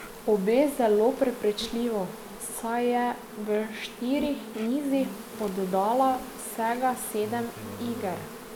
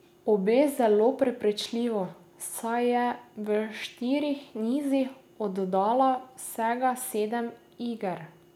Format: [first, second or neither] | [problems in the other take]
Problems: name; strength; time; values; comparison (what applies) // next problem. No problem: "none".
second | background sound (Insect); 13 dB below the speech